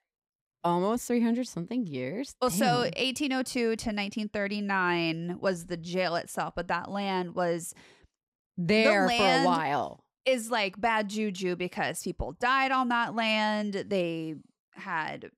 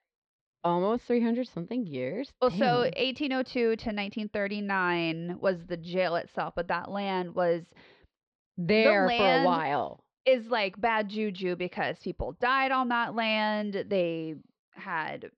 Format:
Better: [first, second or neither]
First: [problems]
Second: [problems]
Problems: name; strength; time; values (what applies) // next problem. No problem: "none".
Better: first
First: none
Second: muffled; very slightly; fading above 4.5 kHz